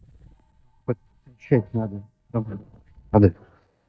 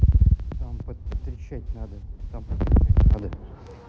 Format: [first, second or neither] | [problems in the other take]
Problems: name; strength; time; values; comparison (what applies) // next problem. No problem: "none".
second | noise reduction (neural mask model DeepFilterNet 3)